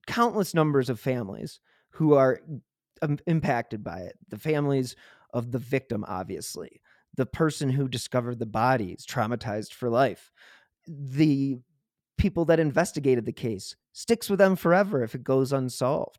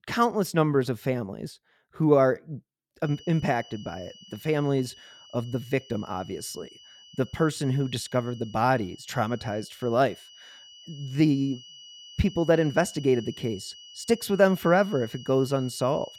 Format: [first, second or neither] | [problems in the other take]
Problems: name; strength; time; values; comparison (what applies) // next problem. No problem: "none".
first | high-pitched whine; noticeable; from 3 s on; 3 kHz, 20 dB below the speech